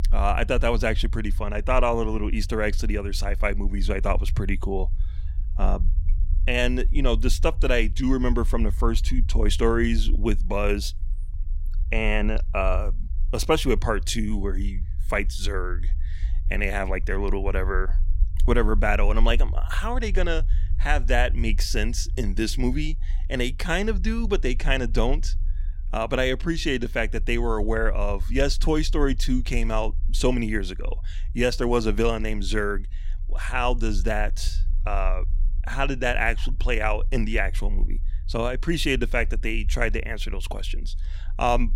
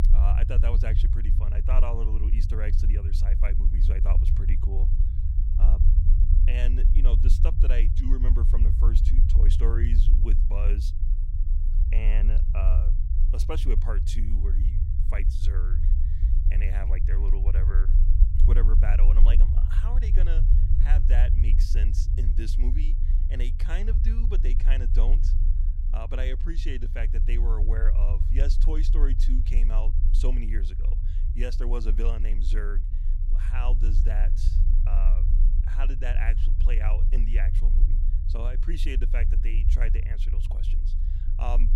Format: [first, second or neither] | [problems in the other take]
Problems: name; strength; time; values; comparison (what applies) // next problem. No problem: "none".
first | low rumble; loud; throughout; 6 dB below the speech; faint in the first